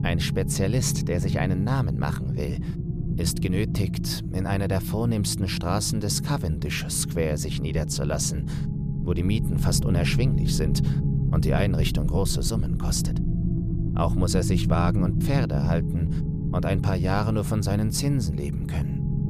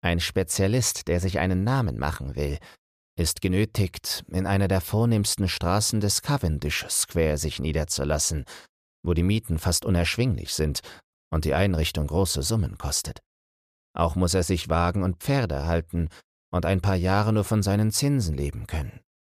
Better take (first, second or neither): second